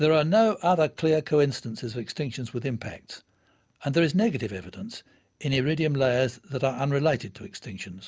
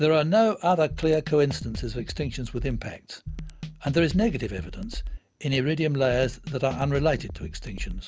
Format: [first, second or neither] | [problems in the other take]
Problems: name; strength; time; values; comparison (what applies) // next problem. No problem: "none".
first | background sound (Drum kit); 9 dB below the speech